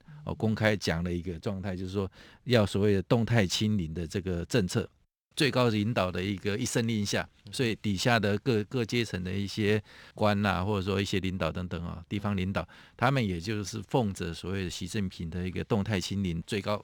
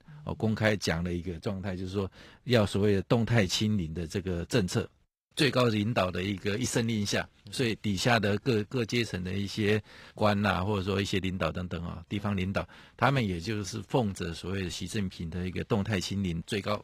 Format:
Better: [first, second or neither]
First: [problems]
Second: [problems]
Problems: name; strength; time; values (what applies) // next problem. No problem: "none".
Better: first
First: none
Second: garbled, watery; slightly